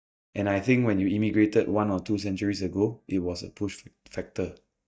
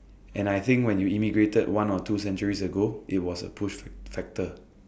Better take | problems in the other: second | noise reduction (neural mask model DeepFilterNet 3)

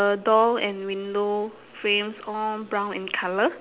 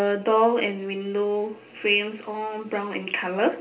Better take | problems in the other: first | room echo; dies away in 0.3 s

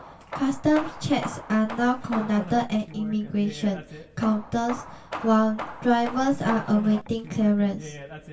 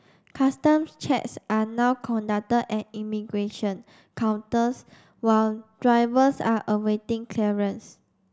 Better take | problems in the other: second | background sound (Hammer / Wood); 13 dB below the speech // room echo; dies away in 0.1 s

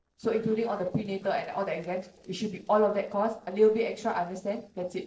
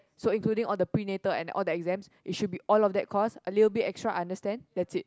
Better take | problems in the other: second | noise reduction (neural separator model SepFormer DNS4)

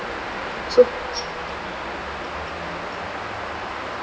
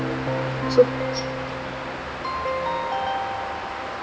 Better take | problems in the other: first | background sound (Keyboard (musical)); 2 dB below the speech

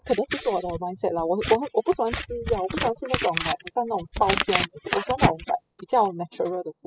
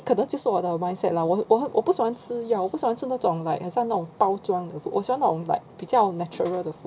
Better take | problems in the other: second | noise reduction (classical method spectral subtraction)

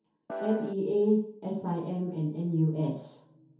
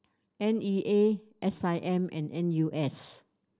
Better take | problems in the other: second | background sound (Piano); 7 dB below the speech // room echo; dies away in 0.6 s

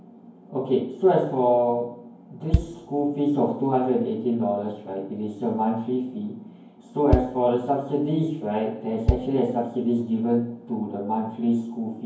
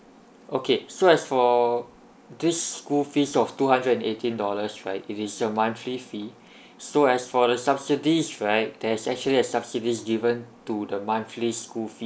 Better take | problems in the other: second | background sound (Bass drum); 6 dB below the speech // room echo; dies away in 0.9 s

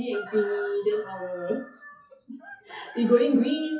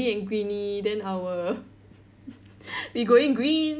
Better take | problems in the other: second | noise reduction (classical method WPE with log-MMSE)

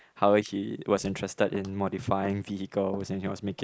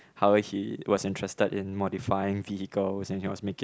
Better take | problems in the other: second | noise reduction (neural mask model Resemble Enhance denoiser)

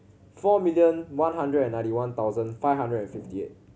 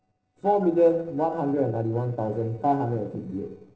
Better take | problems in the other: first | noise reduction (neural separator model SepFormer DNS4)

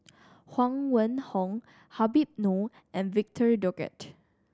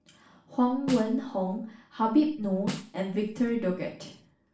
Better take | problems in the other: first | background sound (Snare drum); 12 dB below the speech // room echo; dies away in 0.4 s

